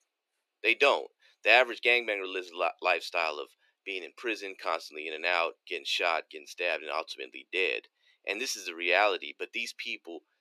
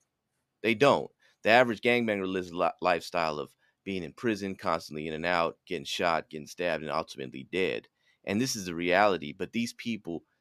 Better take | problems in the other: second | thin; very; fading below 350 Hz

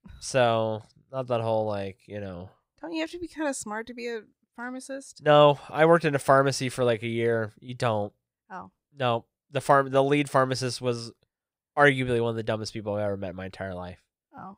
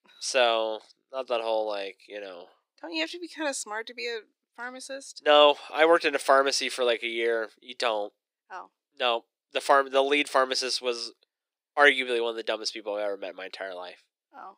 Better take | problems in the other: first | thin; somewhat; fading below 300 Hz

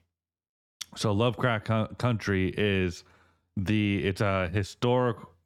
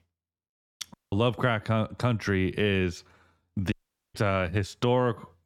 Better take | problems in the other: first | audio cutting out; at 1 s and at 3.5 s

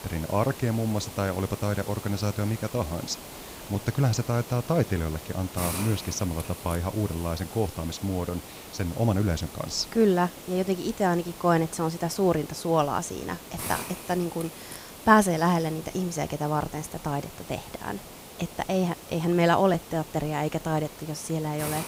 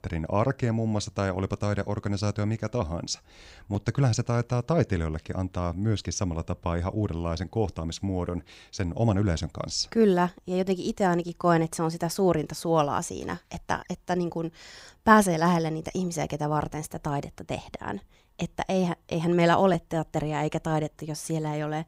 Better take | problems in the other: second | hiss; noticeable; throughout; 15 dB below the speech

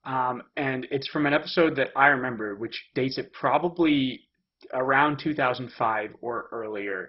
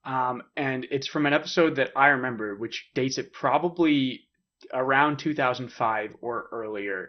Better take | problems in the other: second | garbled, watery; badly; nothing above 5.5 kHz; slightly in the second

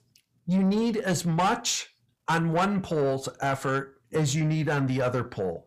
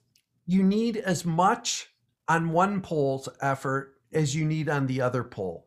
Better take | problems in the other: second | distortion; slight; 10 dB below the speech

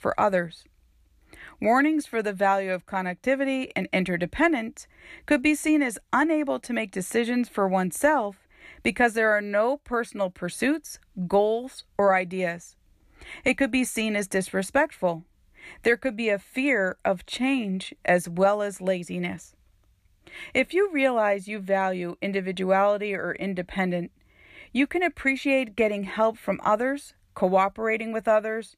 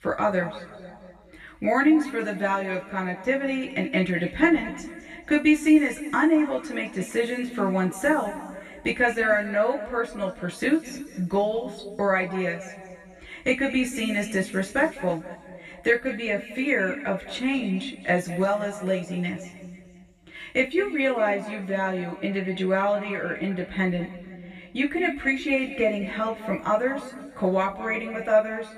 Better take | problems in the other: first | room echo; noticeable; dies away in 1.9 s // off-mic speech; far

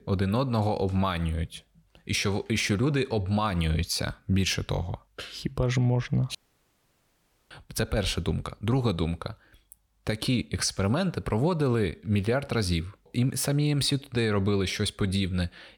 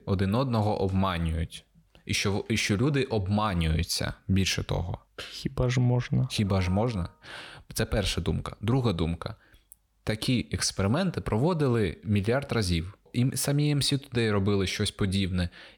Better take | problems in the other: second | audio cutting out; at 6.5 s for 1 s

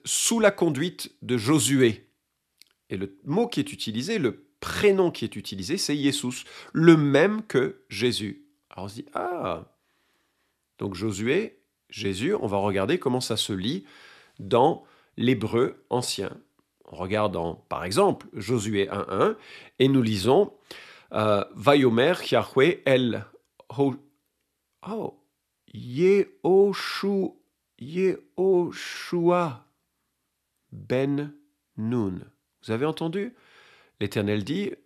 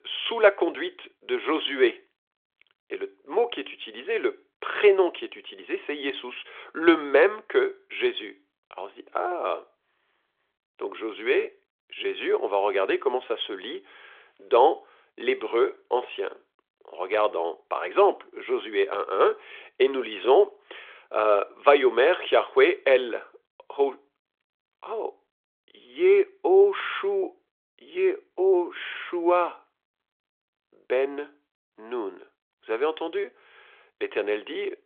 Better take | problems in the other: first | phone-call audio; nothing above 3.5 kHz

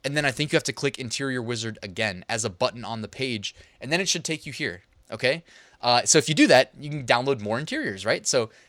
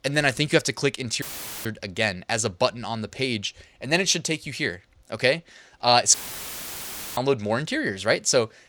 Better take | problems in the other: first | audio cutting out; filled with static; at 1 s and at 6 s for 1 s

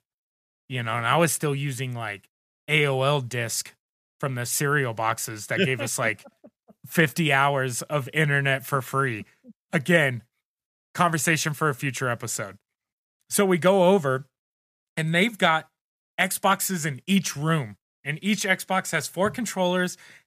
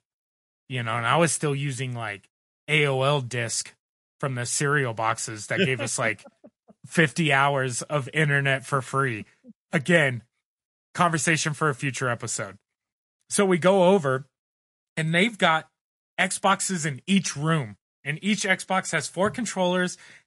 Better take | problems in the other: first | garbled, watery; slightly; nothing above 11 kHz

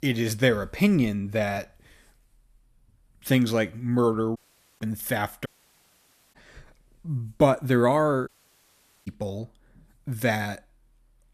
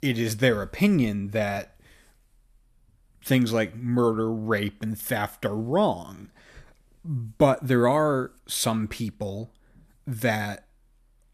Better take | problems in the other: second | audio cutting out; at 4.5 s, at 5.5 s for 1 s and at 8.5 s for 1 s

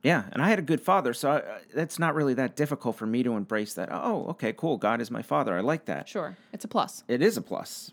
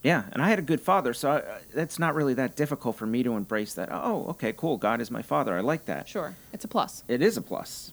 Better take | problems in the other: first | hiss; faint; throughout; 20 dB below the speech

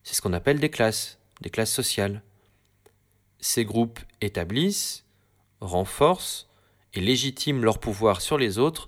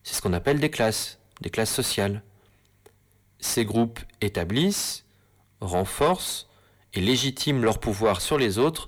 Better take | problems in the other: first | distortion; slight; 10 dB below the speech

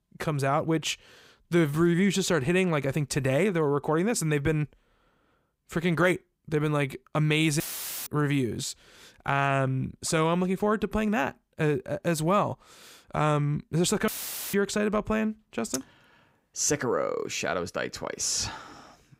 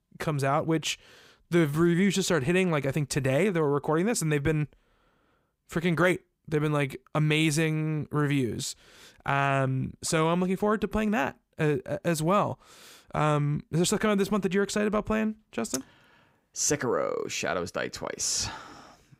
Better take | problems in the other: second | audio cutting out; filled with static; at 7.5 s and at 14 s

